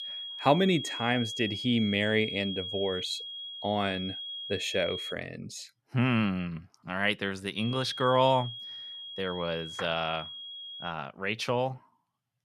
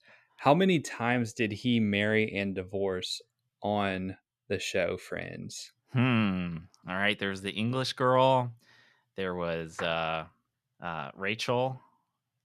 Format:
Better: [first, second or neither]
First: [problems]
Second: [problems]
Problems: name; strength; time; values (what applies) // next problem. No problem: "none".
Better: second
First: high-pitched whine; loud; until 5 s and from 7.5 to 11 s; 3.5 kHz, 7 dB below the speech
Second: none